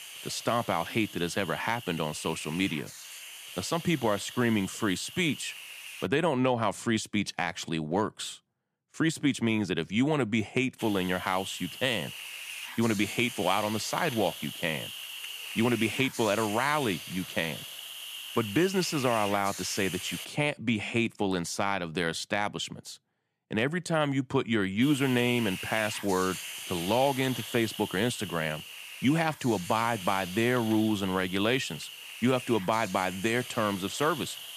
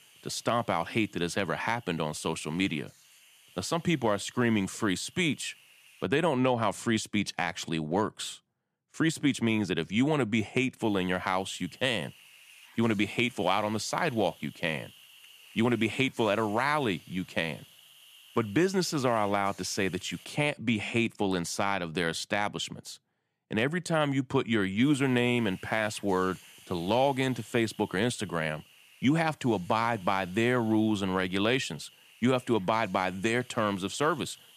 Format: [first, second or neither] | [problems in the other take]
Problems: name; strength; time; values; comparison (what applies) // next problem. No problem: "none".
second | hiss; loud; until 6 s, from 11 to 20 s and from 25 s on; 10 dB below the speech; faint in the second